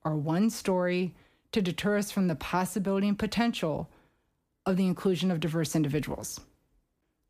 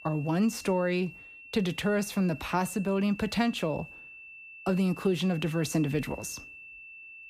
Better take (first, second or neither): first